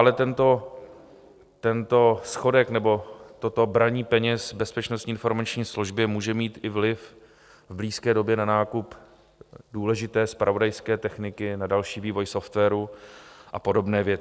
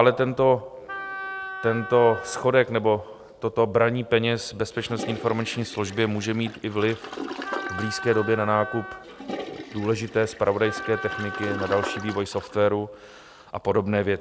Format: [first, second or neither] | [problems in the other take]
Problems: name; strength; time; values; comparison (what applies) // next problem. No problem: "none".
first | background sound (Wind instrument, woodwind instrument + Toilet flush); 10 dB below the speech